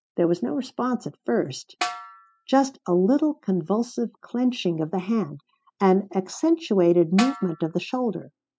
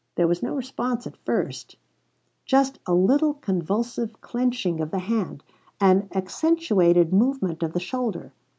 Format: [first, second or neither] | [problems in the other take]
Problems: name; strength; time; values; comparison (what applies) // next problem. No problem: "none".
second | noise reduction (classical method spectral subtraction)